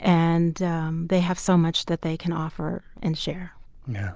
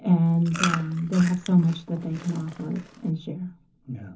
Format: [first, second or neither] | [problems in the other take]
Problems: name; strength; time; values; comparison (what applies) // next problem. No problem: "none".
first | background sound (Chewing, mastication); 11 dB below the speech // room echo; dies away in 0.3 s